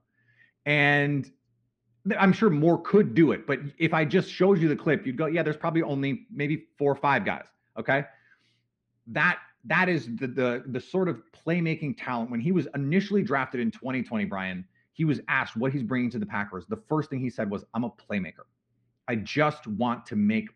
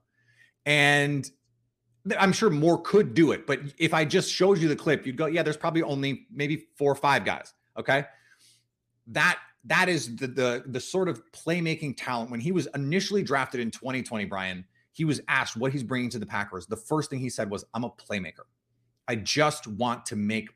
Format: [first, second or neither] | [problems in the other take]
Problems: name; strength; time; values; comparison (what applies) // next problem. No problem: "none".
second | muffled; slightly; fading above 2.5 kHz